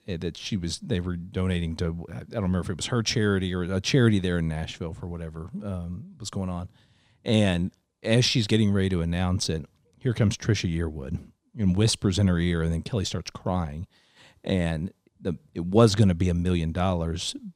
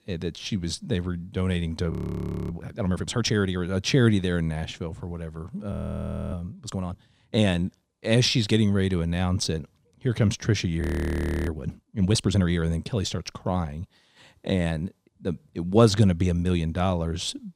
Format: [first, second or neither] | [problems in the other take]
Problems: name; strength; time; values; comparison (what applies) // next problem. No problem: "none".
first | audio freezing; at 2 s for 0.5 s, at 5.5 s for 0.5 s and at 11 s for 0.5 s